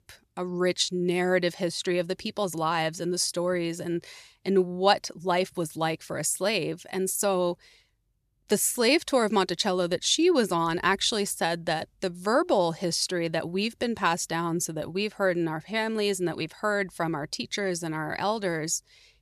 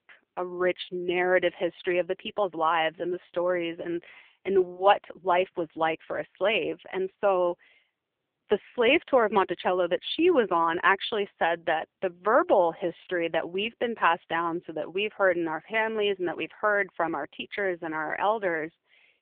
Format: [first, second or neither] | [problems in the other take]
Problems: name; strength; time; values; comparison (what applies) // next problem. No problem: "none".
first | phone-call audio; poor line